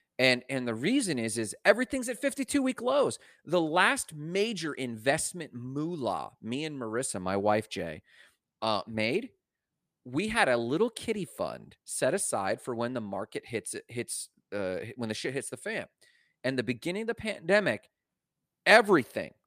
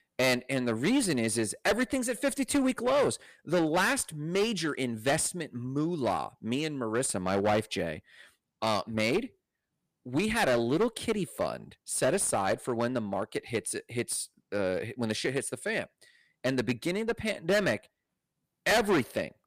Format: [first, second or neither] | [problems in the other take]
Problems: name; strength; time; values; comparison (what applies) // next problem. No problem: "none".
first | distortion; heavy; 8% of the sound clipped